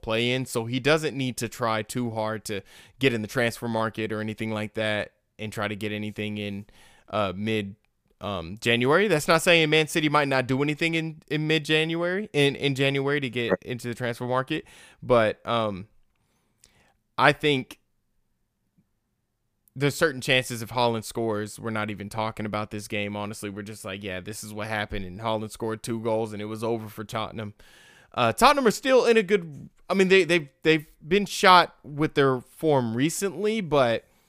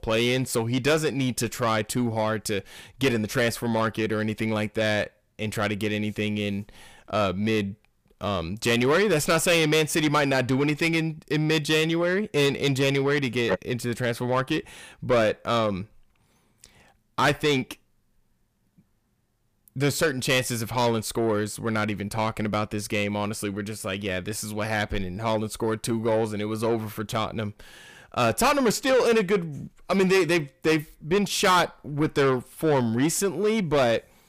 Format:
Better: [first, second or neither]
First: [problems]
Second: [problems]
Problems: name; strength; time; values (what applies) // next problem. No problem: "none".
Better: first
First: none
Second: distortion; heavy; 7 dB below the speech